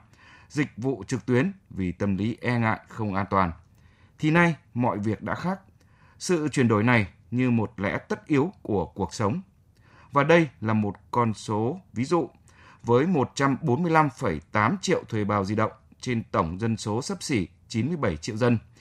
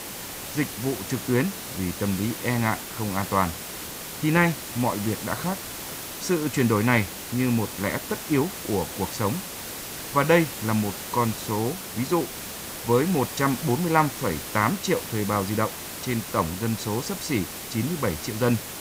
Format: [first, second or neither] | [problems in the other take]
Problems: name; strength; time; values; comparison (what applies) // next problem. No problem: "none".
first | hiss; loud; throughout; 7 dB below the speech